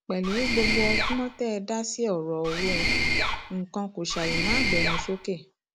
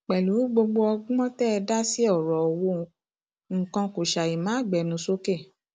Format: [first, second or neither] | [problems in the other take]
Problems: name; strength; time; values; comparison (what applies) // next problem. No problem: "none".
second | background sound (Mechanisms); 3 dB above the speech